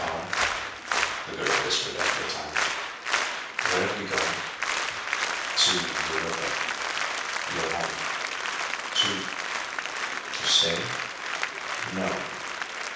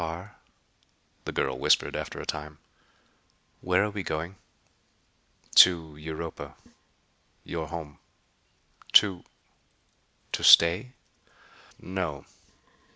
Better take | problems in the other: second | background sound (Applause); 3 dB above the speech // room echo; dies away in 0.7 s

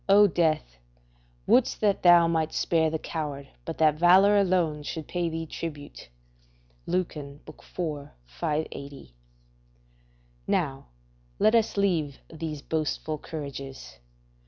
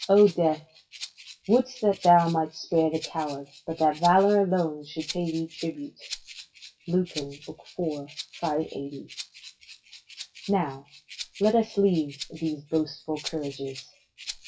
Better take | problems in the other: first | noise reduction (classical method WPE with log-MMSE)

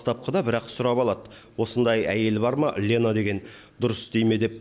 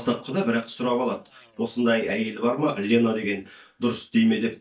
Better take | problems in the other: first | noise reduction (neural mask model DeepFilterNet 3)

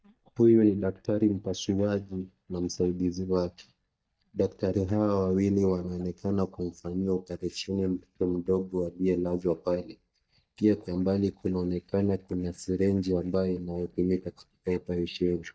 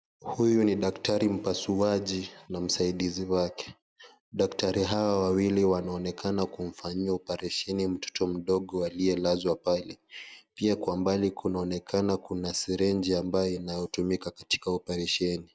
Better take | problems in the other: second | noise reduction (neural mask model DeepFilterNet 3)

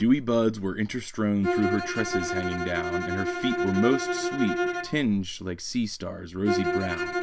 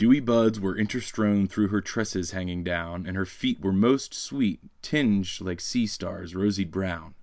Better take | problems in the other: second | background sound (Bowed string instrument); 3 dB below the speech

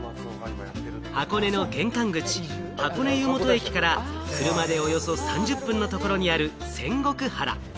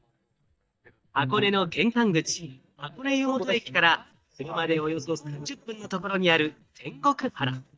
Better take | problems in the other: first | noise reduction (neural mask model DeepFilterNet 3)

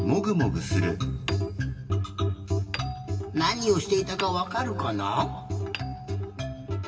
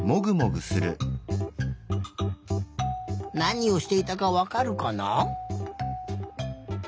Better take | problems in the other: second | background sound (Hammer); 18 dB below the speech // room echo; dies away in 2.3 s

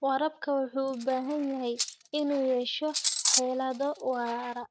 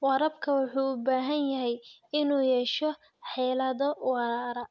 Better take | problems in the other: second | noise reduction (neural mask model RNNoise)

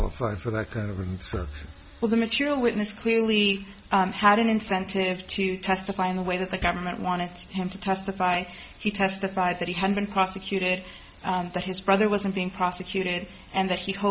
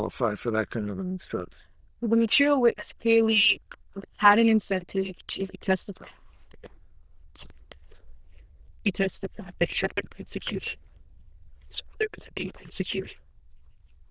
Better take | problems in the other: first | noise reduction (neural diffusion model UNIVERSE++)

